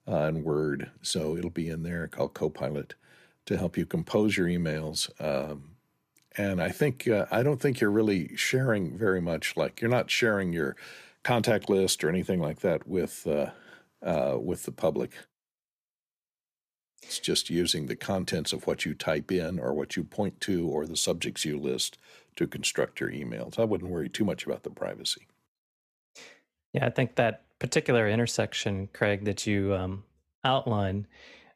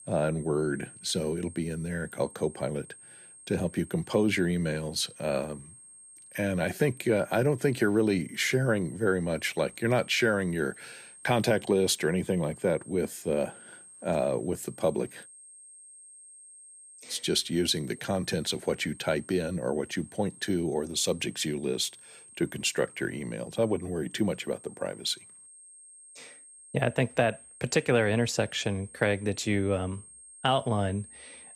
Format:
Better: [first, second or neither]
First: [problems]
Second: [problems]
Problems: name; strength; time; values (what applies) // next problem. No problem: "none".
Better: first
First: none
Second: high-pitched whine; noticeable; throughout; 8.5 kHz, 20 dB below the speech